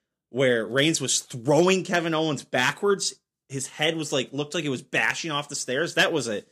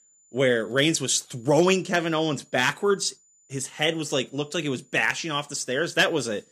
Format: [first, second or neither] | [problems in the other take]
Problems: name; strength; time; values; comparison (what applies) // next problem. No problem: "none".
first | high-pitched whine; faint; throughout; 7 kHz, 35 dB below the speech